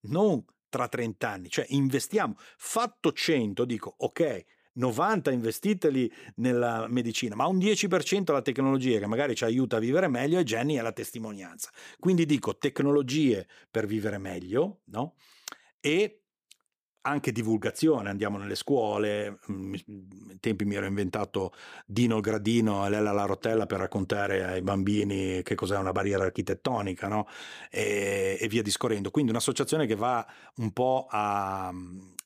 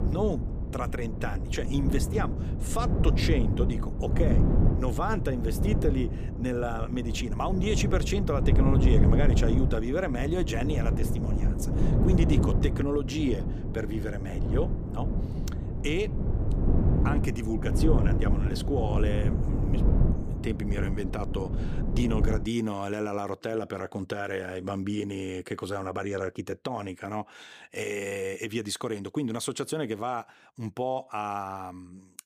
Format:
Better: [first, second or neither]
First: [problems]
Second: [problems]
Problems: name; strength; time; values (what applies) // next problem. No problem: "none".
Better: first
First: none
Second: wind noise on the microphone; heavy; until 22 s; 5 dB below the speech